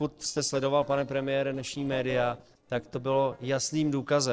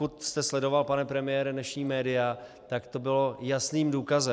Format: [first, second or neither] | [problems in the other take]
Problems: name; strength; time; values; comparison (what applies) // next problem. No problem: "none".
second | noise reduction (neural separator model SepFormer DNS4)